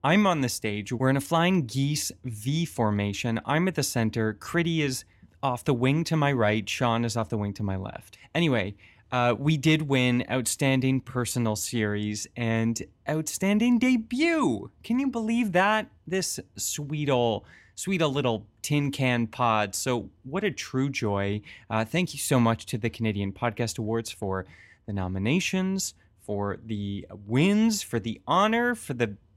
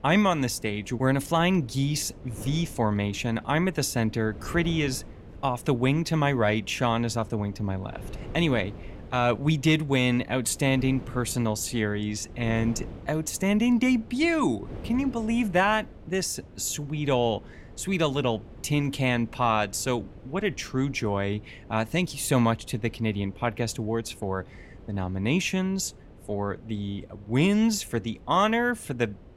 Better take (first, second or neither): first